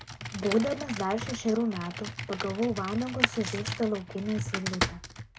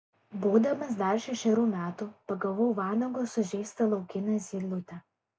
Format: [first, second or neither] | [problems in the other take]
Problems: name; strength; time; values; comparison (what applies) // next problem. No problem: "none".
second | background sound (Glass + Computer keyboard); 4 dB below the speech